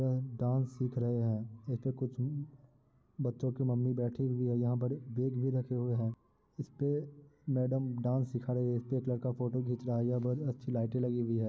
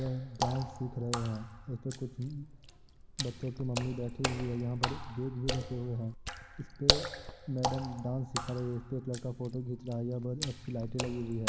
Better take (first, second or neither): first